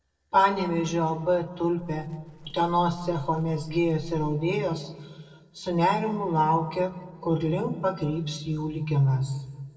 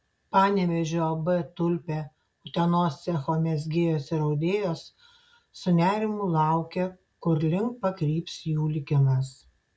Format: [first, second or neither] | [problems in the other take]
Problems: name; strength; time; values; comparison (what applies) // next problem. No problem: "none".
second | noise reduction (neural separator model SepFormer DNS4)